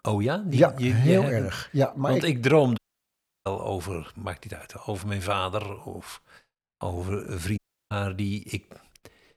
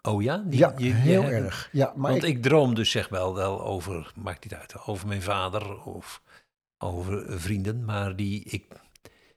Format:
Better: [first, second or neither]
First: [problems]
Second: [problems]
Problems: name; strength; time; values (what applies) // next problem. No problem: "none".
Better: second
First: audio cutting out; at 3 s for 0.5 s and at 7.5 s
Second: none